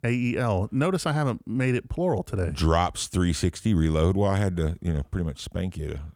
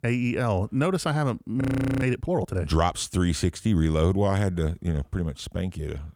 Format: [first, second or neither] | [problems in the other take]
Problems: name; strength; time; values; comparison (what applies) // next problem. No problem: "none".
first | audio freezing; at 1.5 s